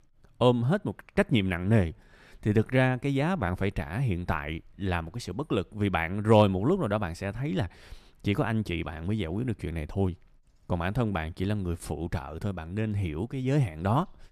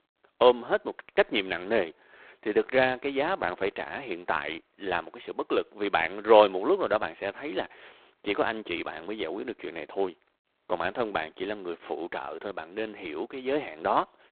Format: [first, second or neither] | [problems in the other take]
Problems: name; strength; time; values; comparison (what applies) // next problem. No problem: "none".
first | phone-call audio; poor line; nothing above 3.5 kHz